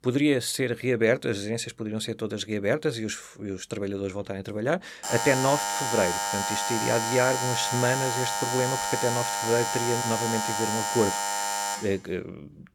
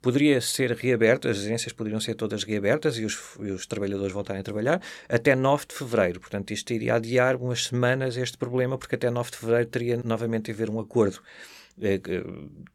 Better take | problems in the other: second | alarm; loud; from 5 to 12 s; peak 1 dB above the speech

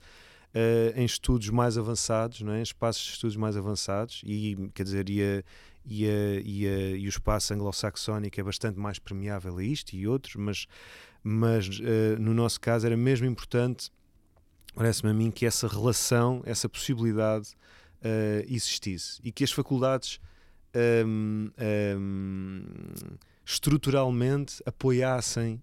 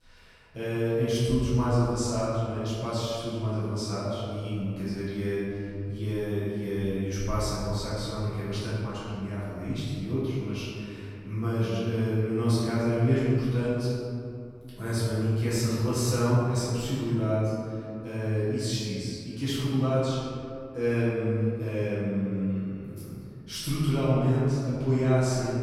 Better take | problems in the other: first | room echo; strong; dies away in 2.4 s // off-mic speech; far

